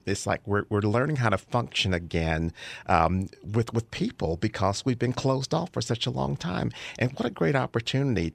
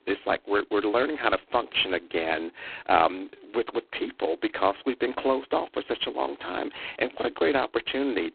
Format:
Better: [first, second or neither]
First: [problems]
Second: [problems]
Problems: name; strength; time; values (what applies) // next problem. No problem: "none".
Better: first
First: none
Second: phone-call audio; poor line